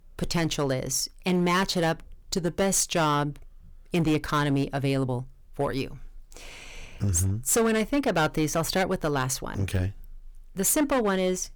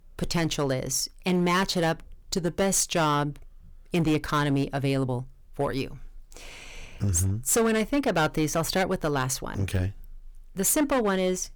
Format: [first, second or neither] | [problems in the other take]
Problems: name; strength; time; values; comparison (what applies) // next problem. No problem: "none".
neither | distortion; slight; 7% of the sound clipped; the same in both